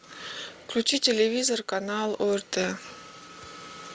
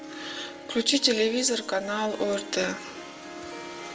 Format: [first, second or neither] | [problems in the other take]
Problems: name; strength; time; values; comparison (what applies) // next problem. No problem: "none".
first | background sound (Harp); 14 dB below the speech // room echo; dies away in 0.8 s